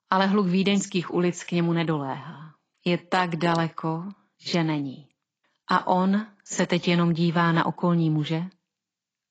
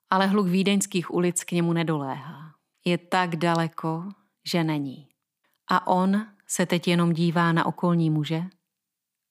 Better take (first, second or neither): second